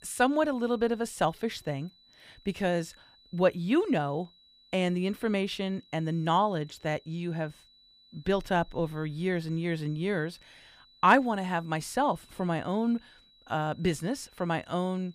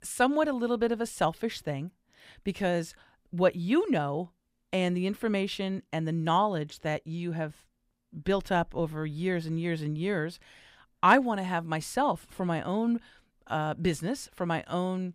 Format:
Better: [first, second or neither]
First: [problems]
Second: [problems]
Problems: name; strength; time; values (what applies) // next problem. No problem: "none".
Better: second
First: high-pitched whine; faint; throughout; 4 kHz, 30 dB below the speech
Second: none